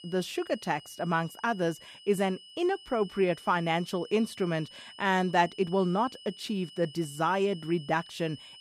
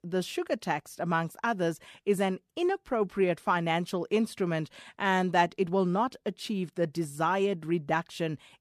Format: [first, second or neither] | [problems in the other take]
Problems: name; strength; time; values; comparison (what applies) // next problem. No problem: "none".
second | high-pitched whine; noticeable; throughout; 3 kHz, 20 dB below the speech